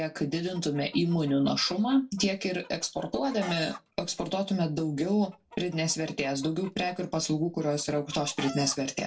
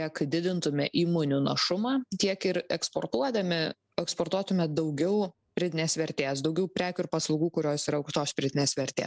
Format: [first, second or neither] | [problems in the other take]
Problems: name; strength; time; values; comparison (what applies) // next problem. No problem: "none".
second | background sound (Chicken, rooster); 19 dB below the speech // room echo; dies away in 0.2 s